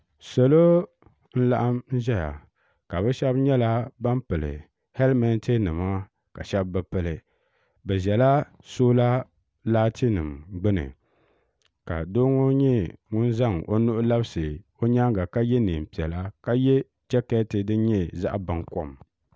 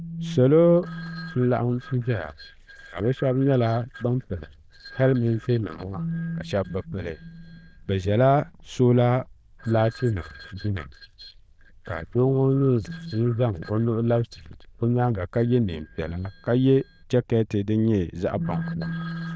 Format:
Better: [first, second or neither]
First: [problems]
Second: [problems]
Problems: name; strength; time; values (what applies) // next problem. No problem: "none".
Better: first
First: none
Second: noise reduction (neural diffusion model UNIVERSE++)